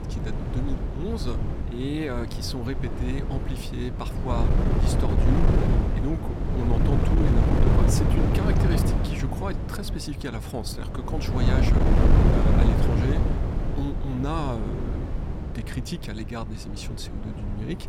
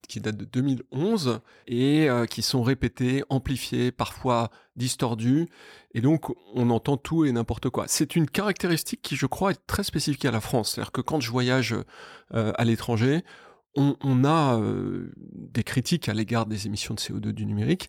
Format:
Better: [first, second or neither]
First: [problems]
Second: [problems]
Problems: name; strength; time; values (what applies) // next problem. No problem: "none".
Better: second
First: wind noise on the microphone; heavy; 2 dB above the speech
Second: none